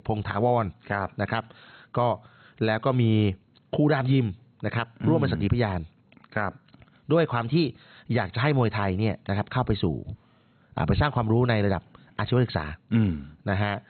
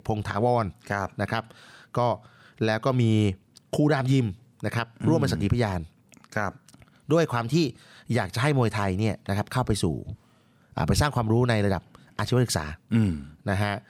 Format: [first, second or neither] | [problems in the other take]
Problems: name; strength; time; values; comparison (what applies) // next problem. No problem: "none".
second | garbled, watery; badly; nothing above 4 kHz